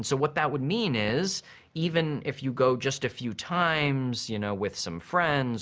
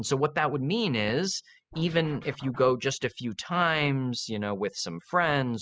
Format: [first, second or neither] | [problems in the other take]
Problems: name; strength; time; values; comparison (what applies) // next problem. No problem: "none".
first | noise reduction (classical method spectral subtraction)